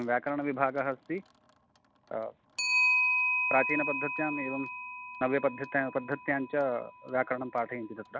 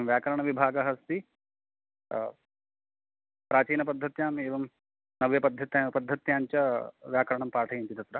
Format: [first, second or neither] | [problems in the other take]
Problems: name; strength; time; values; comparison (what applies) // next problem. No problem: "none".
second | background sound (Clock); 2 dB below the speech